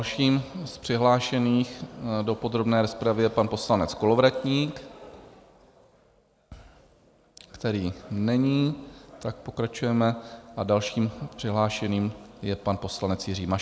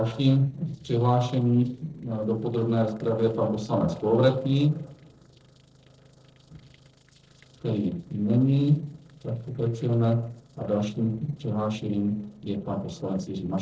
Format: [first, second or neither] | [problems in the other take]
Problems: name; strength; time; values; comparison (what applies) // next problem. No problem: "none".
first | noise reduction (neural separator model SepFormer DNS4)